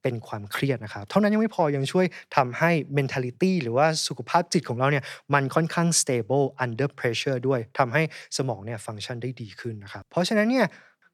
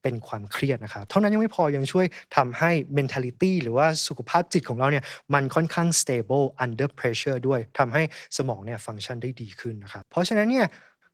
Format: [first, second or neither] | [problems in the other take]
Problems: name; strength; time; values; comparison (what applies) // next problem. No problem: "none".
first | garbled, watery; slightly; nothing above 19 kHz